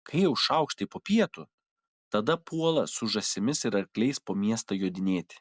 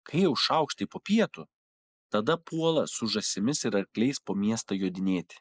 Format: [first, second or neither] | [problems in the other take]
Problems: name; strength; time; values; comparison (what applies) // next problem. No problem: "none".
first | noise reduction (neural mask model Resemble Enhance denoiser)